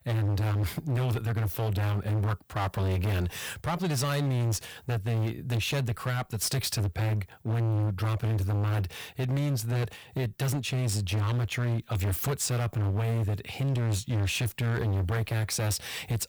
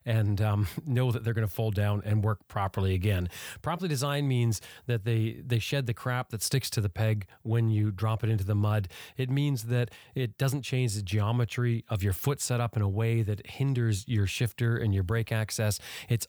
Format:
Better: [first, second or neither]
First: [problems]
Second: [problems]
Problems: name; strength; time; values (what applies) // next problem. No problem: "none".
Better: second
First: distortion; heavy; 30% of the sound clipped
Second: none